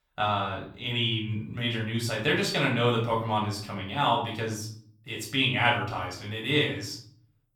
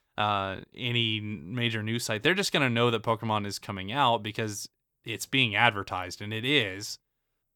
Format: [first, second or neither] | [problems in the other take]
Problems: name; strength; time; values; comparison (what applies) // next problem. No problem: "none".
second | off-mic speech; far // room echo; slight; dies away in 0.5 s